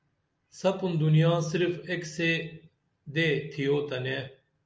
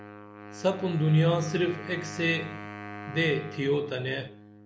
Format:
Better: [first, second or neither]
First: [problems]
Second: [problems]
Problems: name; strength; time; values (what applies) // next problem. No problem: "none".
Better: first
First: none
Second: background sound (Wind instrument, woodwind instrument); 13 dB below the speech